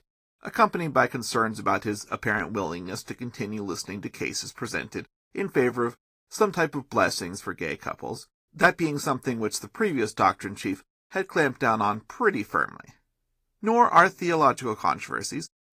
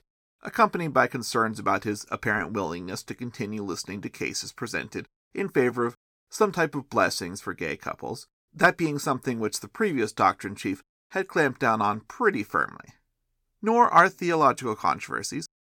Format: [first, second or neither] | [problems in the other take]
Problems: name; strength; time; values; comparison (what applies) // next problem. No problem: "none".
second | garbled, watery; slightly; nothing above 14.5 kHz